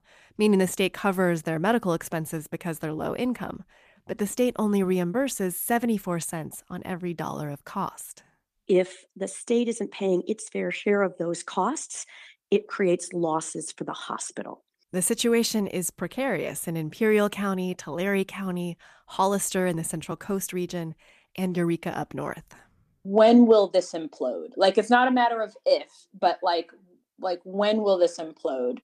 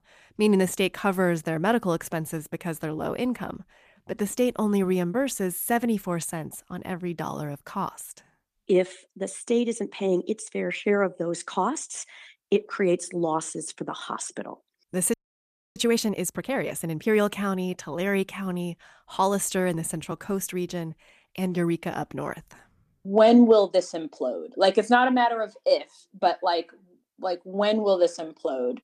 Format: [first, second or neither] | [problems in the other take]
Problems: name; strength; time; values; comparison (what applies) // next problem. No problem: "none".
first | audio freezing; at 15 s for 0.5 s